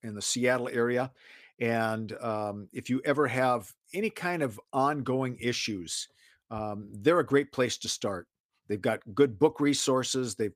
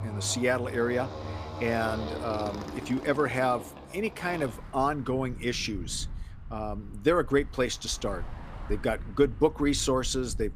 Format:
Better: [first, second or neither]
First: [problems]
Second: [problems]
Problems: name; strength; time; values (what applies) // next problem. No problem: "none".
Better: first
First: none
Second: traffic noise; noticeable; throughout; 10 dB below the speech